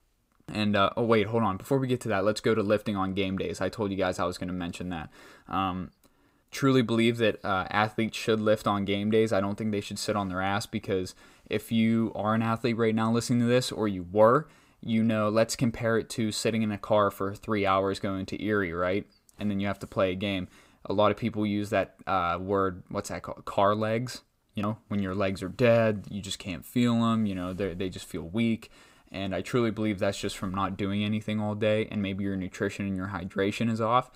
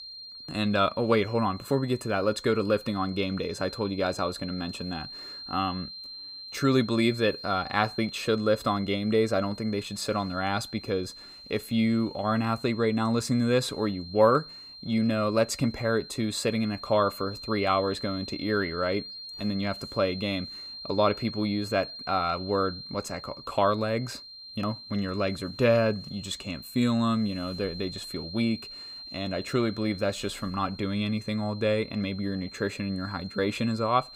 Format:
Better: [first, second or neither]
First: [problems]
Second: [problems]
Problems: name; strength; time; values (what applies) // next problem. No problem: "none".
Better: first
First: none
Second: high-pitched whine; noticeable; throughout; 4 kHz, 15 dB below the speech